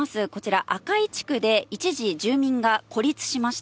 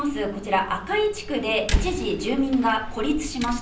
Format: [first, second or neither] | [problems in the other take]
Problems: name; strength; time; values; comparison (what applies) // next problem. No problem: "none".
first | background sound (Slam); 6 dB below the speech // room echo; dies away in 0.6 s